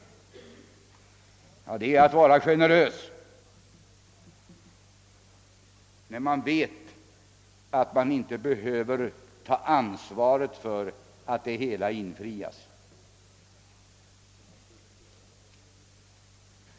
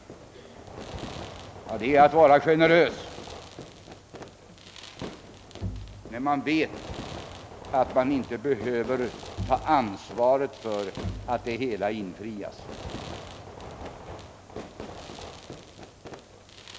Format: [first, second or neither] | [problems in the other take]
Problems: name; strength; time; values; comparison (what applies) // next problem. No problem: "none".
first | background sound (Bowed string instrument + Fireworks); 13 dB below the speech